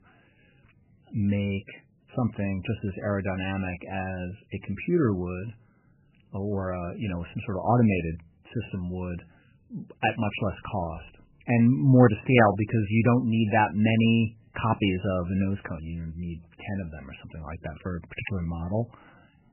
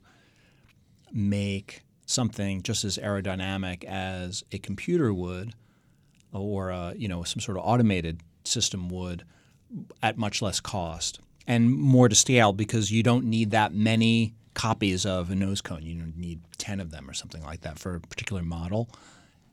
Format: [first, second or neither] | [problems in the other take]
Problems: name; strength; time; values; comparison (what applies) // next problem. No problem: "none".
second | garbled, watery; badly; nothing above 3 kHz